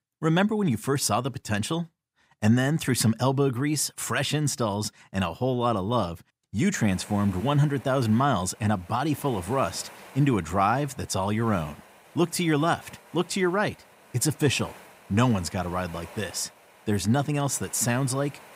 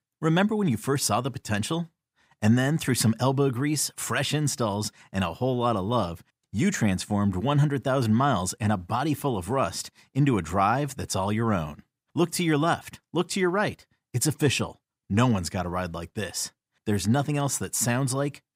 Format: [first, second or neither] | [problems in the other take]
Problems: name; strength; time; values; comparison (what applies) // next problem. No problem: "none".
second | wind noise on the microphone; occasional gusts; from 7 s on; 20 dB below the speech